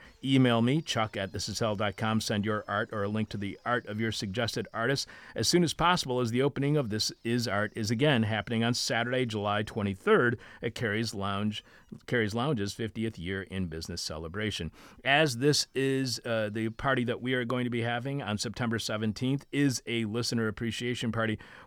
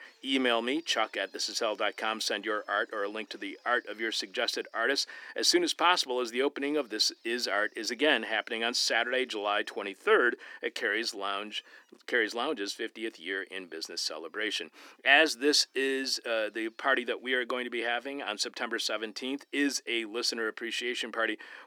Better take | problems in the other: first | thin; somewhat; fading below 300 Hz

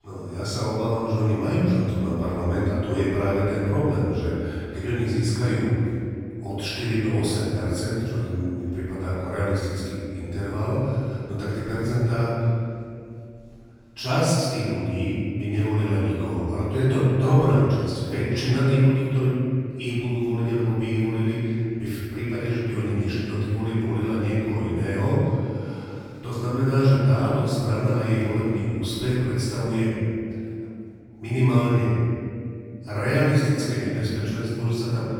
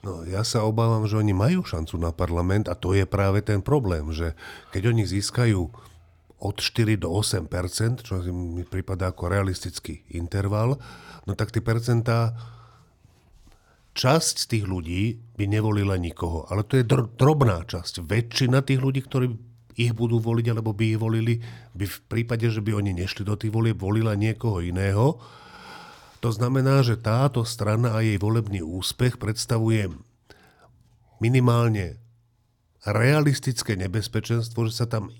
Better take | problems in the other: second | off-mic speech; far // room echo; strong; dies away in 2.5 s

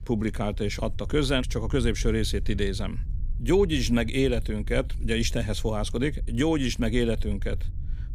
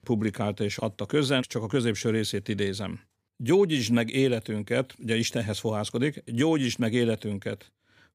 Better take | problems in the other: second | low rumble; faint; throughout; 25 dB below the speech

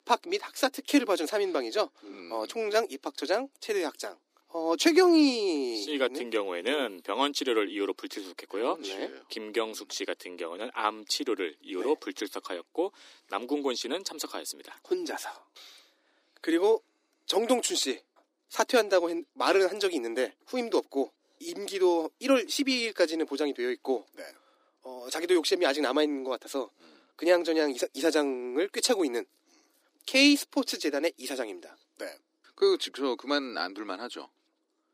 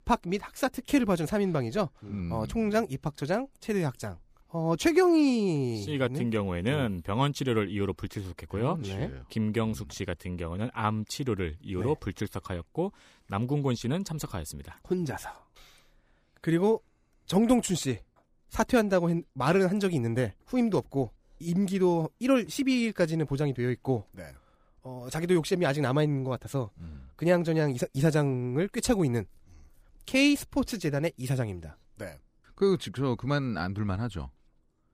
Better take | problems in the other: second | thin; somewhat; fading below 300 Hz

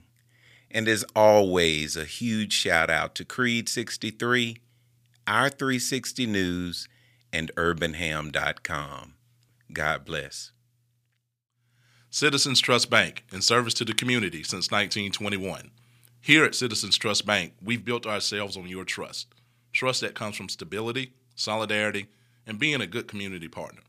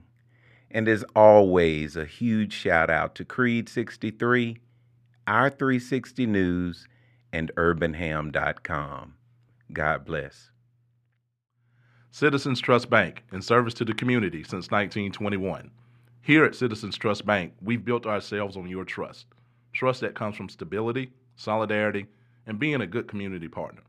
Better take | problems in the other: first | muffled; very; fading above 3 kHz

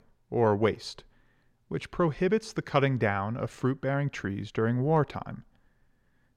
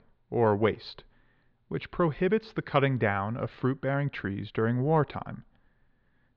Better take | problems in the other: first | muffled; very slightly; fading above 4 kHz

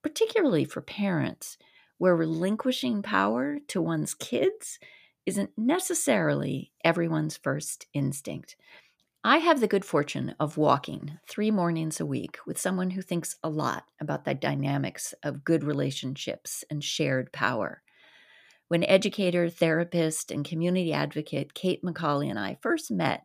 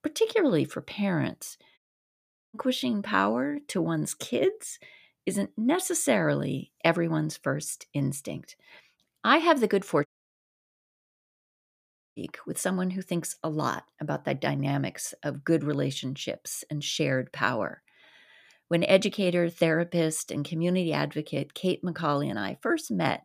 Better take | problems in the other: first | audio cutting out; at 2 s for 0.5 s and at 10 s for 2 s

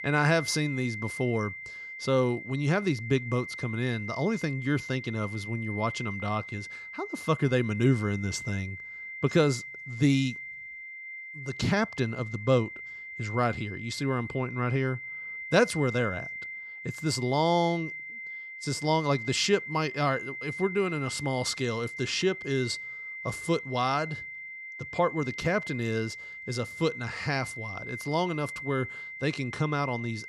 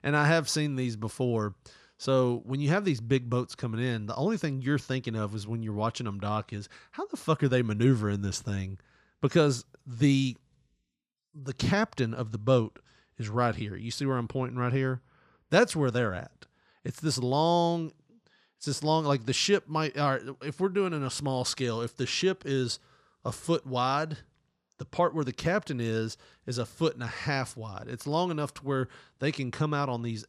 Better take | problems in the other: second | high-pitched whine; loud; throughout; 2 kHz, 9 dB below the speech

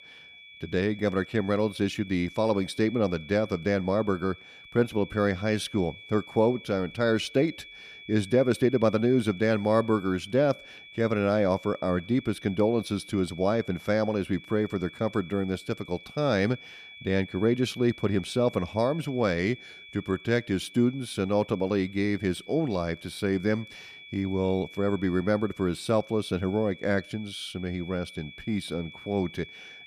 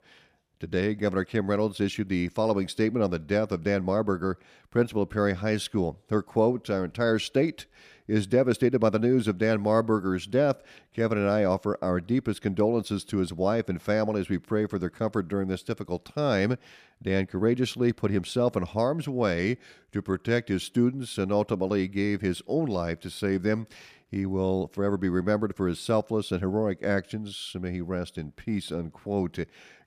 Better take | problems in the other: second | high-pitched whine; noticeable; throughout; 2.5 kHz, 20 dB below the speech

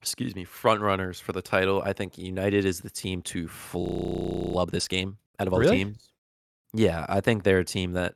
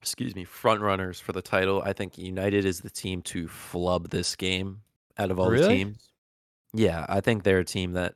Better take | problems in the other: second | audio freezing; at 4 s for 0.5 s

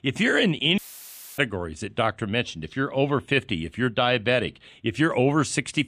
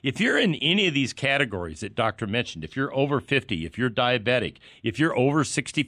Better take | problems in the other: second | audio cutting out; filled with static; at 1 s for 0.5 s

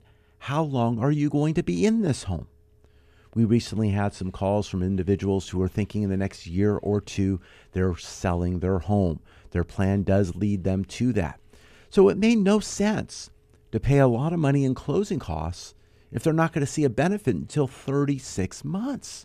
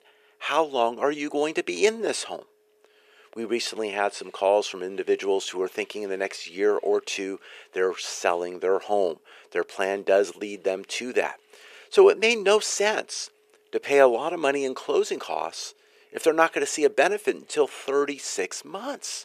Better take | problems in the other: first | thin; very; fading below 450 Hz

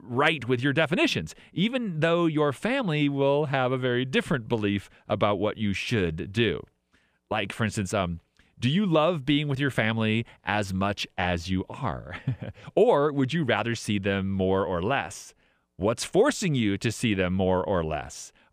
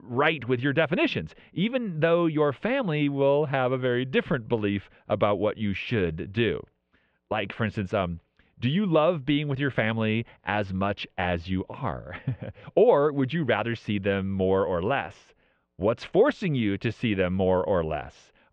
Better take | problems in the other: first | muffled; very; fading above 3 kHz

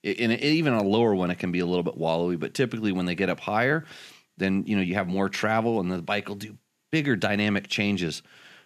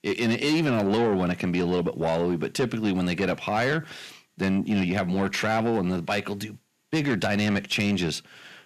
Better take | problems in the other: first | distortion; slight; 10 dB below the speech

